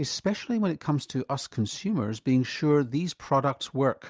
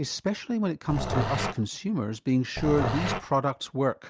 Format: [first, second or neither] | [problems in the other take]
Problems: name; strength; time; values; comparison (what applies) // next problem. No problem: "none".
first | background sound (Growling); 3 dB below the speech